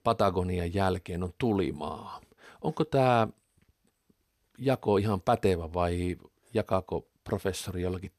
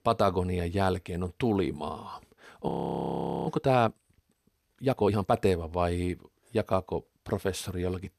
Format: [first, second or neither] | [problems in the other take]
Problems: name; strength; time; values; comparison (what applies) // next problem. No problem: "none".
first | audio freezing; at 2.5 s for 1 s